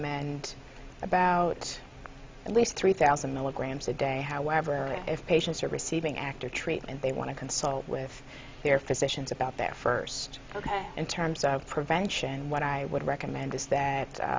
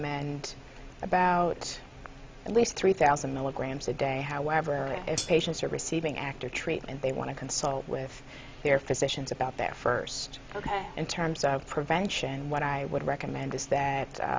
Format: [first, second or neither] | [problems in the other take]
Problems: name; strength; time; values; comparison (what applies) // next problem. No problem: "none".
first | background sound (Hi-hat); 7 dB below the speech